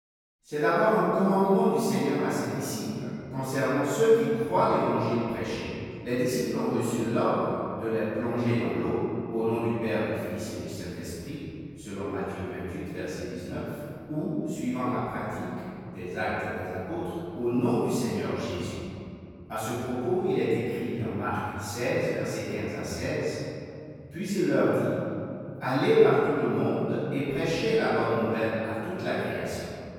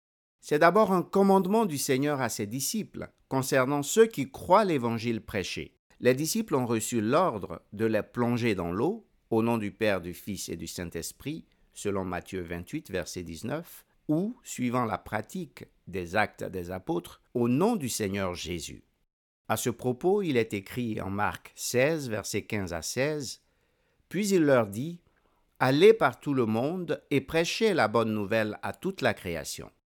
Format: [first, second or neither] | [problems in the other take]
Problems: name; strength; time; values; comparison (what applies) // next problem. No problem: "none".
second | off-mic speech; far // room echo; strong; dies away in 2.8 s